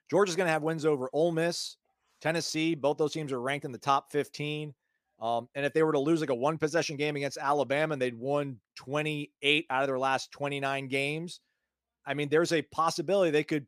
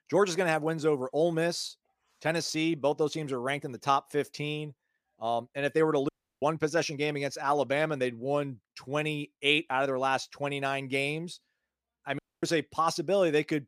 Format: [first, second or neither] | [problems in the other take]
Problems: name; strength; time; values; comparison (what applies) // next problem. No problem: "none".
first | audio cutting out; at 6 s and at 12 s